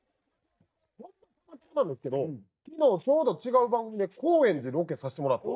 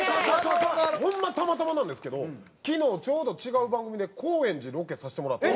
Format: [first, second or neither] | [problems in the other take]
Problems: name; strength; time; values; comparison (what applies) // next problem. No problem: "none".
second | noise reduction (neural mask model DeepFilterNet 3)